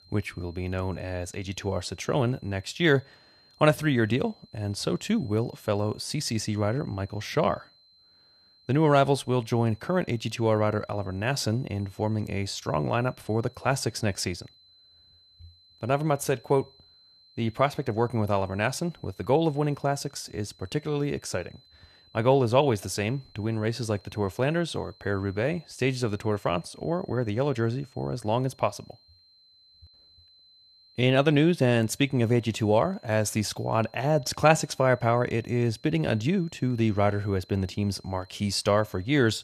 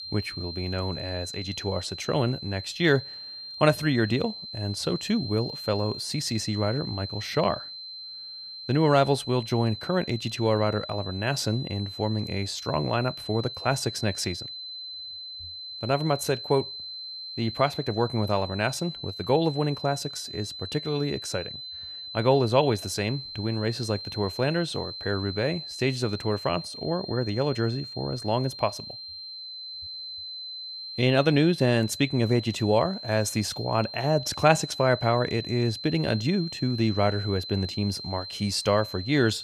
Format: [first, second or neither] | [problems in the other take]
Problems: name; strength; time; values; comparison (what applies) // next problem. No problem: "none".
first | high-pitched whine; loud; throughout; 4 kHz, 9 dB below the speech; faint in the first